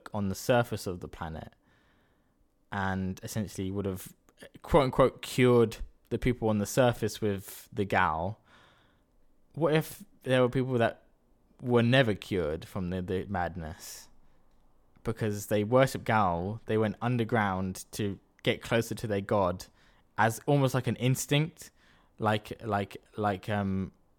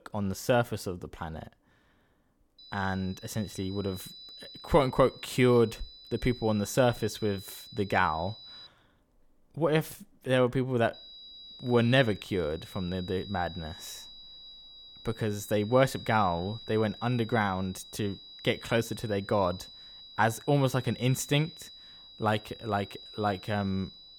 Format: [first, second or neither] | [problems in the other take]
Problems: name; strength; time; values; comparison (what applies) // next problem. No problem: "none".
first | high-pitched whine; noticeable; from 2.5 to 8.5 s and from 11 s on; 4 kHz, 15 dB below the speech